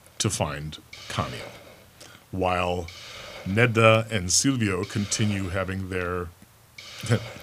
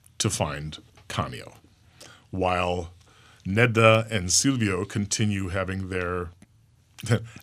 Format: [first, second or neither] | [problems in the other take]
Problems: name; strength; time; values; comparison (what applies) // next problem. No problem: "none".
second | hiss; noticeable; throughout; 20 dB below the speech